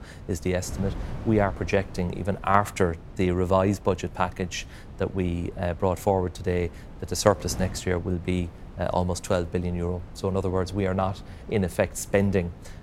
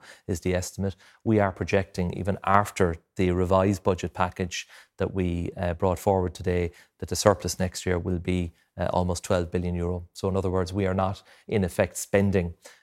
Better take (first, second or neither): second